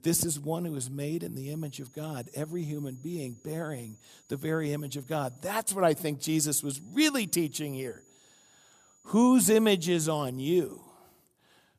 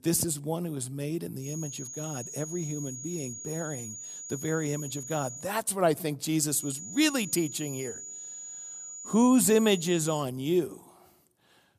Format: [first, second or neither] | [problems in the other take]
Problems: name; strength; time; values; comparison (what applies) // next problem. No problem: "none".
first | high-pitched whine; loud; from 1.5 to 5.5 s and from 6.5 to 10 s; 7 kHz, 10 dB below the speech; faint in the first